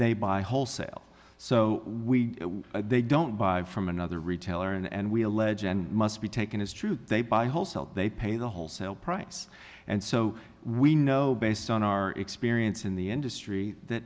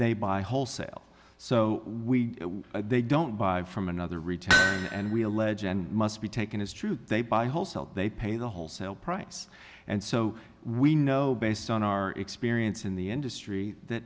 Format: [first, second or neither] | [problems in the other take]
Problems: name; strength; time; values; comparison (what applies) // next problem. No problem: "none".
first | background sound (Hammer); 1 dB above the speech